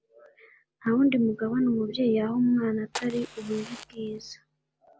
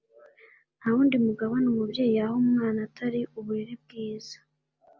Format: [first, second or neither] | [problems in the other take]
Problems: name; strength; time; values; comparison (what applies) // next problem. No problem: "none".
second | background sound (Fire); 15 dB below the speech